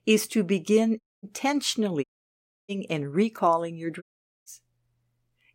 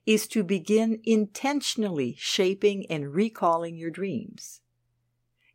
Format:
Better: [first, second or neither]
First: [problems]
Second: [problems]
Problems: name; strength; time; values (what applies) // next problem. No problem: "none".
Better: second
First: audio cutting out; at 1 s, at 2 s for 0.5 s and at 4 s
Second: none